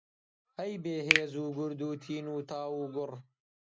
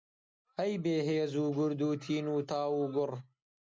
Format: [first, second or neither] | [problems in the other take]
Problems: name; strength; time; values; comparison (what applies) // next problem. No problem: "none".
second | background sound (Finger snapping); 1 dB above the speech